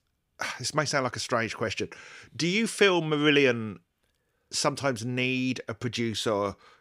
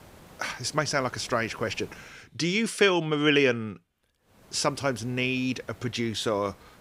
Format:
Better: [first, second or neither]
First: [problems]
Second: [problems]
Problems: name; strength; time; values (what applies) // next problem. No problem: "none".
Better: first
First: none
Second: hiss; faint; until 2 s and from 4.5 s on; 25 dB below the speech